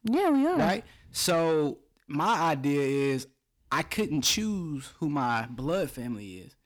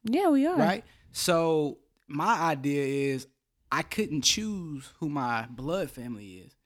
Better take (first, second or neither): second